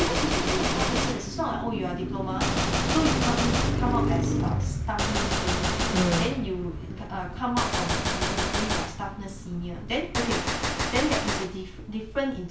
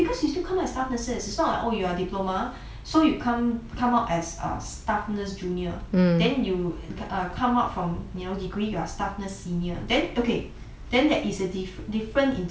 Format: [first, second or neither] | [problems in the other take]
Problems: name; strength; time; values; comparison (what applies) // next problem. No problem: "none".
second | background sound (Gunshot, gunfire + Car passing by); 3 dB above the speech